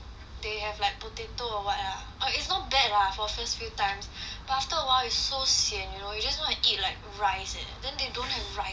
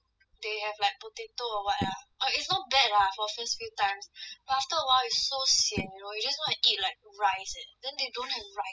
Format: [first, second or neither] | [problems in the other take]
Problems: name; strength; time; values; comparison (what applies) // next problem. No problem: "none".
first | noise reduction (classical method spectral subtraction)